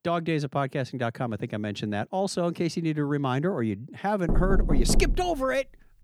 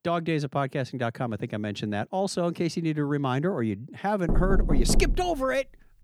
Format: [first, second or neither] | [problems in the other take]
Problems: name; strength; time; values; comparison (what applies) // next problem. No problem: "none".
neither | door banging; loud; at 4.5 s; peak 1 dB above the speech; the same in both